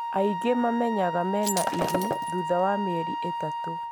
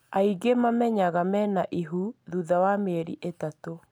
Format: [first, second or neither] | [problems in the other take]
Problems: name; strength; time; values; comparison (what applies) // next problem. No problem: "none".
second | background sound (Shatter + Wind instrument, woodwind instrument); 2 dB below the speech